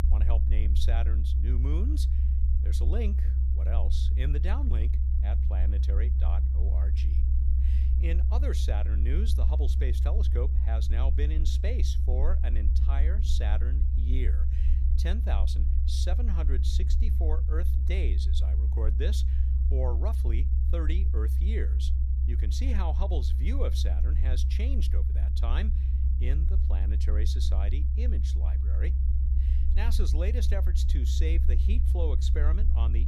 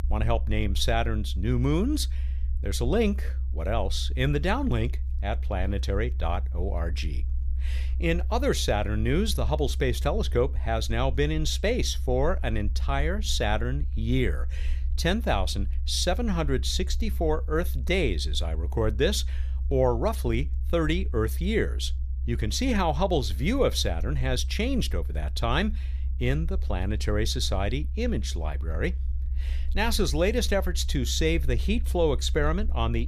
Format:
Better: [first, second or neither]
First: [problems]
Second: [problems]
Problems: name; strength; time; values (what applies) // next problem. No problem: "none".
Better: second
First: low rumble; loud; throughout; 4 dB below the speech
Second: low rumble; faint; throughout; 20 dB below the speech